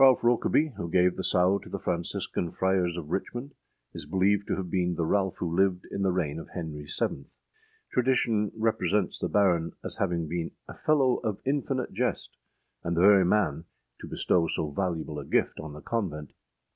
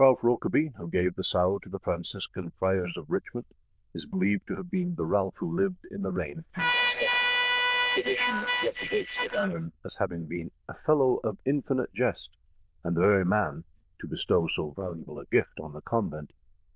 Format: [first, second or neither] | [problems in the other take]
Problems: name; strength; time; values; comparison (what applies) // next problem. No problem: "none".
first | noise reduction (neural diffusion model UNIVERSE++)